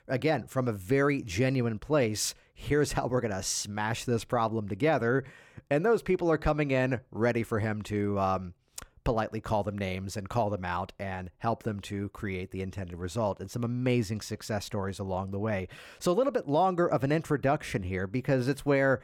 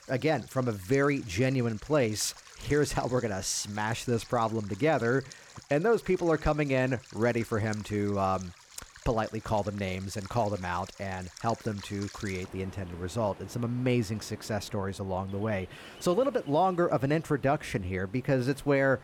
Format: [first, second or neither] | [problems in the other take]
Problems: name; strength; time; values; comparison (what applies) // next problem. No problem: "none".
first | rain or running water; noticeable; throughout; 20 dB below the speech